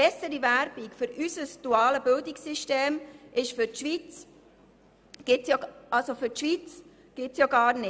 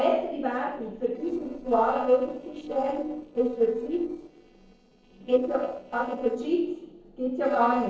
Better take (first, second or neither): first